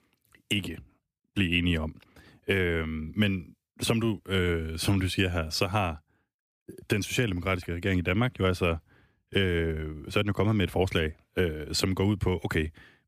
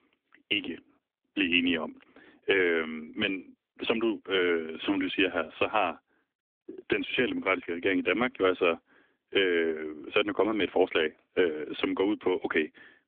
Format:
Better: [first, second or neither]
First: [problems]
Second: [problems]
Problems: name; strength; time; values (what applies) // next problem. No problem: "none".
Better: first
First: none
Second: phone-call audio; nothing above 3.5 kHz